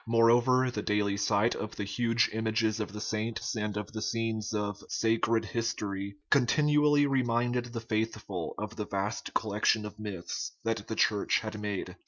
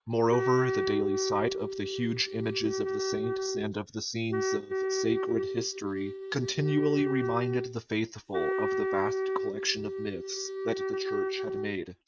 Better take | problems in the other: first | noise reduction (neural mask model RNNoise)

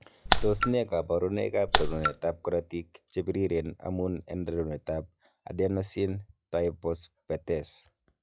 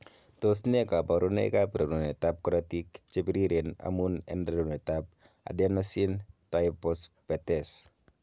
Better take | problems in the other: second | noise reduction (classical method log-MMSE)

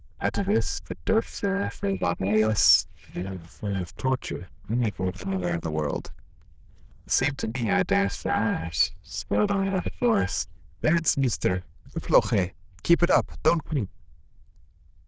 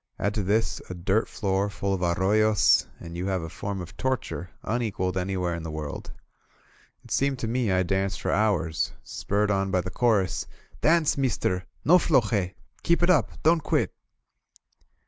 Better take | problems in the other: second | noise reduction (neural diffusion model UNIVERSE++)

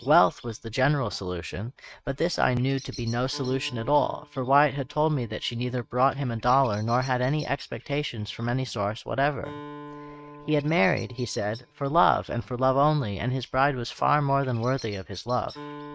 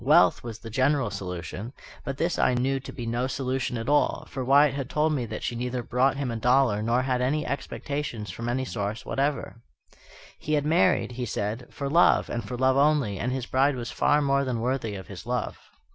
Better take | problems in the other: second | noise reduction (neural mask model RNNoise)

